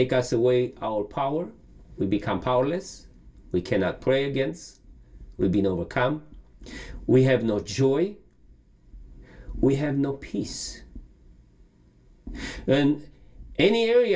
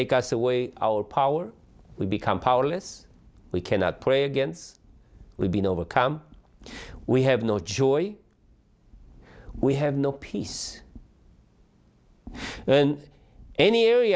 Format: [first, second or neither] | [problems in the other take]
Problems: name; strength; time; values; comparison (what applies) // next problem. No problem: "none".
second | room echo; dies away in 0.2 s